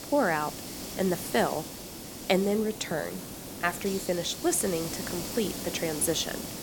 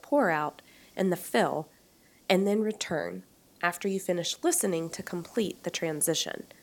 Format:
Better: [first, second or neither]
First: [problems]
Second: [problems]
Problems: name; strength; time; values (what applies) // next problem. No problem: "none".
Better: second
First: hiss; loud; throughout; 8 dB below the speech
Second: hiss; faint; throughout; 30 dB below the speech